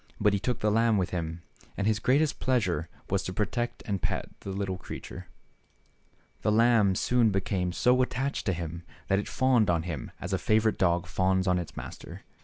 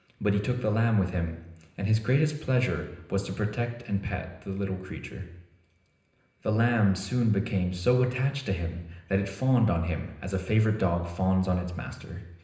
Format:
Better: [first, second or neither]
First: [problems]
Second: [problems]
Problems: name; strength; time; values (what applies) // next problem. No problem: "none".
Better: first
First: none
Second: room echo; dies away in 0.9 s